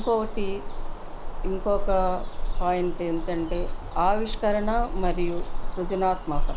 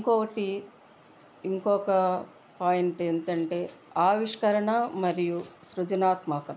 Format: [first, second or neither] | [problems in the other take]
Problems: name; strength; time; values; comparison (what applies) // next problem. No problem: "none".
second | background sound (Bird vocalization, bird call, bird song); 1 dB above the speech